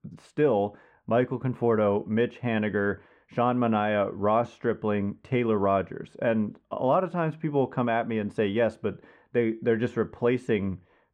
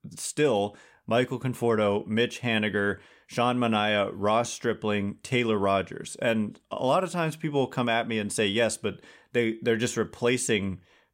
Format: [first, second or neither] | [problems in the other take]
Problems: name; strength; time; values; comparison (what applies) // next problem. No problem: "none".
second | muffled; very; fading above 3.5 kHz